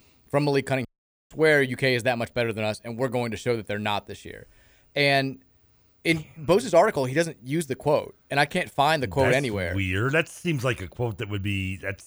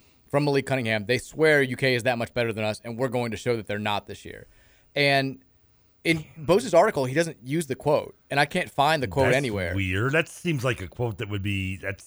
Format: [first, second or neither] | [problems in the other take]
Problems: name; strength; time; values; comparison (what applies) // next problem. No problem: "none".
second | audio cutting out; at 1 s